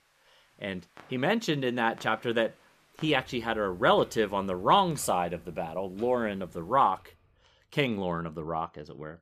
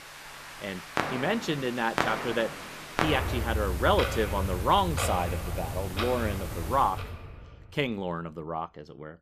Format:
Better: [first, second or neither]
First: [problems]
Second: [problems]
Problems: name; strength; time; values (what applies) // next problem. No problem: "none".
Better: first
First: household noises; faint; until 7 s; 25 dB below the speech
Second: household noises; loud; until 7 s; 3 dB below the speech